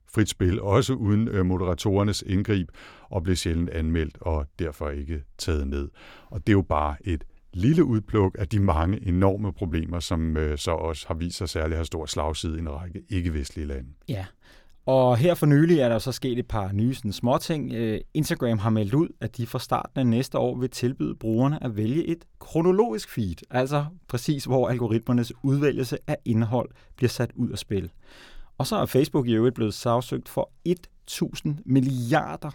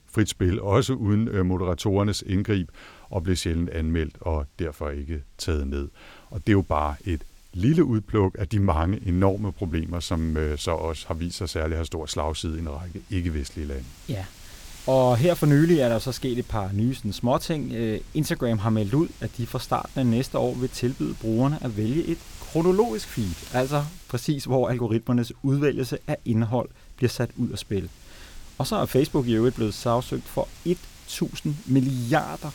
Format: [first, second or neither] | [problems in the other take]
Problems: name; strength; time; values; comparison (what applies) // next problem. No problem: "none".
first | wind noise on the microphone; occasional gusts; 20 dB below the speech